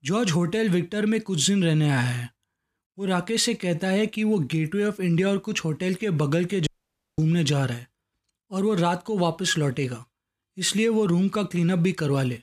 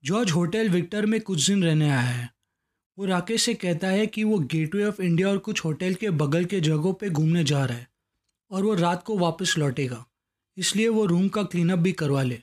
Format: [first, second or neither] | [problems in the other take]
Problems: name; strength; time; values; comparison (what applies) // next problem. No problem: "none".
second | audio cutting out; at 6.5 s for 0.5 s